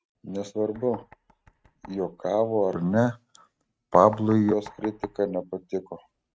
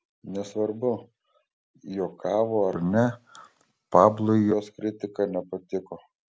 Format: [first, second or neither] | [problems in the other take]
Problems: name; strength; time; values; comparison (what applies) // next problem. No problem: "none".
second | noise reduction (neural mask model RNNoise)